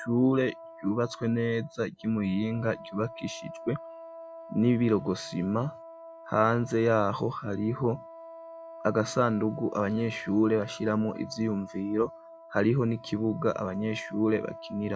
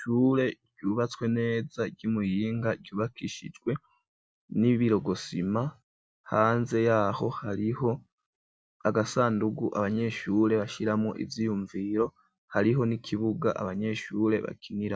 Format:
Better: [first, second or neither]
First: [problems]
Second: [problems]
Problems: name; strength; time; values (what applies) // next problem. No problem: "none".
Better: second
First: background sound (Wind instrument, woodwind instrument); 17 dB below the speech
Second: none